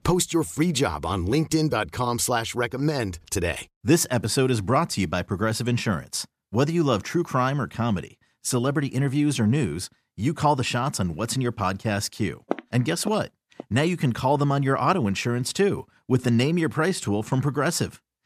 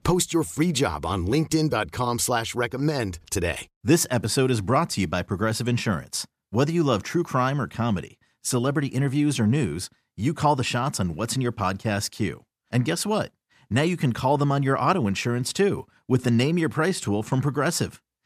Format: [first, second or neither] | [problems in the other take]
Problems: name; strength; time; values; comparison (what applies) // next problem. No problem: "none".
second | footsteps; noticeable; from 13 to 14 s; peak 8 dB below the speech